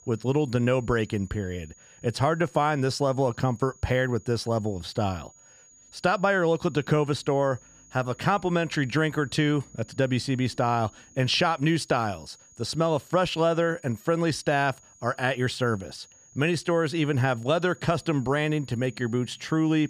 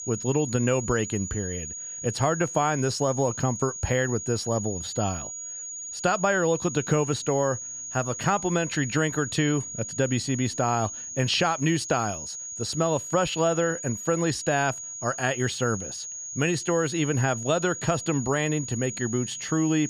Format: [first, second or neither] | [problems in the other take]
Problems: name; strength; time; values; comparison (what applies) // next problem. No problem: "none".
first | high-pitched whine; loud; throughout; 6.5 kHz, 7 dB below the speech; faint in the first